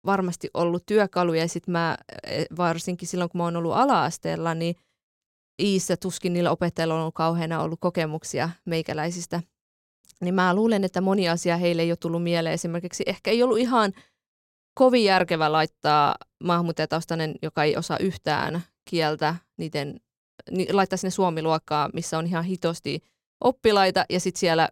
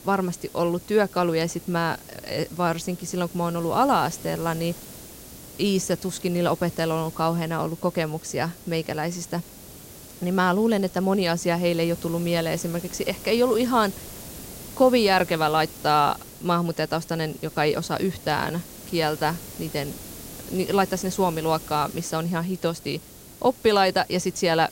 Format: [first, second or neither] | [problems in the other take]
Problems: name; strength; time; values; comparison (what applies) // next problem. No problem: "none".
first | hiss; noticeable; throughout; 15 dB below the speech